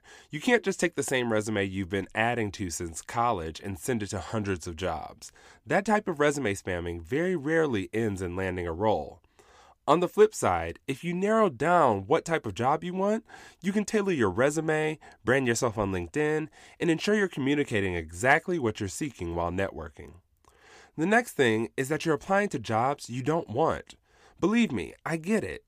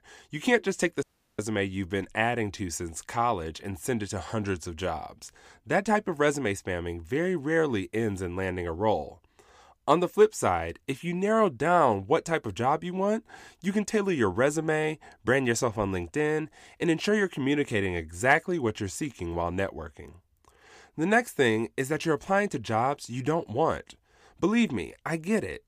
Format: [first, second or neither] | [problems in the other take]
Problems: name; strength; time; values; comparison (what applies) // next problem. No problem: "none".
first | audio cutting out; at 1 s